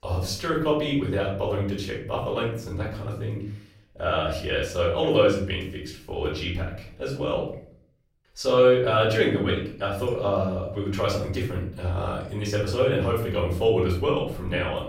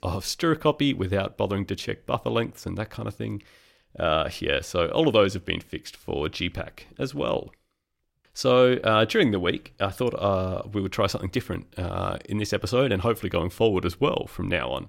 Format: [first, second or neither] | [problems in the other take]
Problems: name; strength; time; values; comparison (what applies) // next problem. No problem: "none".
second | off-mic speech; far // room echo; noticeable; dies away in 0.5 s